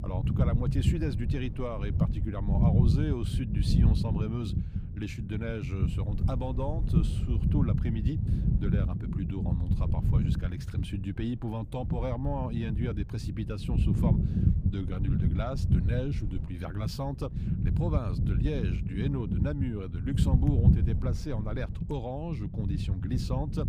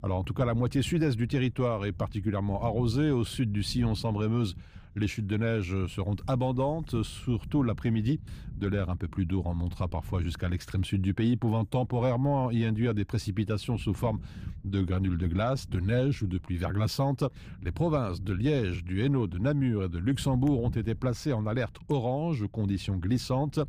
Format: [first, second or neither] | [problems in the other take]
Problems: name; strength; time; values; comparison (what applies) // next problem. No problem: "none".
second | wind noise on the microphone; heavy; 2 dB below the speech; occasional gusts in the second